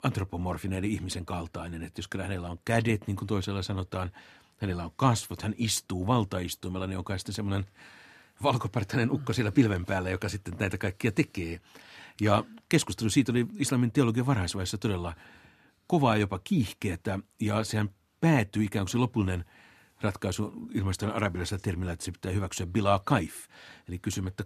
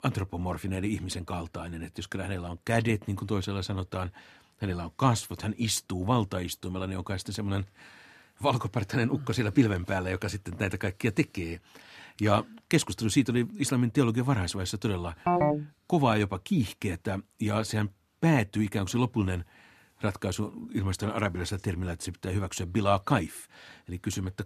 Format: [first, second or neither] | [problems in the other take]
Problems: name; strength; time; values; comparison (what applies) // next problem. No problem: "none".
first | phone ringing; loud; at 15 s; peak 4 dB above the speech